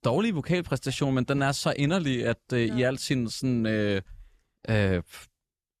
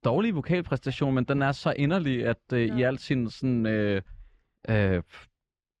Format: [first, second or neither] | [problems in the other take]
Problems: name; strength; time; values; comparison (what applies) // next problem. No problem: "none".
first | muffled; slightly; fading above 3 kHz